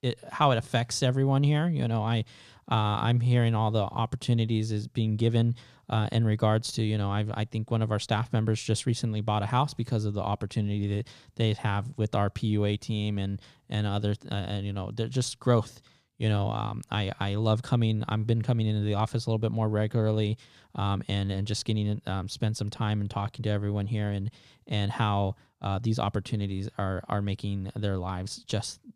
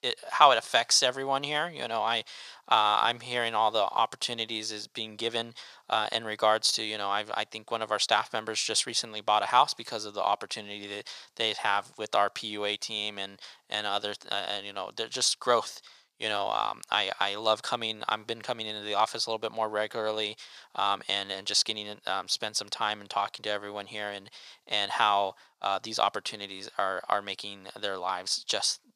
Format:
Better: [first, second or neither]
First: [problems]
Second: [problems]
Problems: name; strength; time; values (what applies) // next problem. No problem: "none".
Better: first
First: none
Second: thin; very; fading below 800 Hz